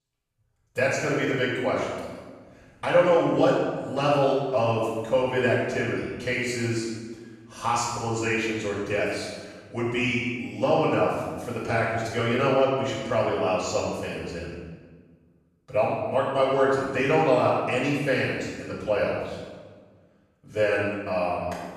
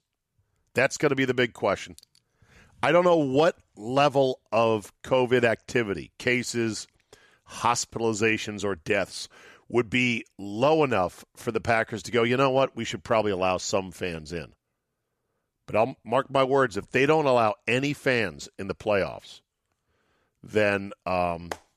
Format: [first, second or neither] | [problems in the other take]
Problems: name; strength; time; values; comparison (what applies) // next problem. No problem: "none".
second | off-mic speech; far // room echo; strong; dies away in 1.2 s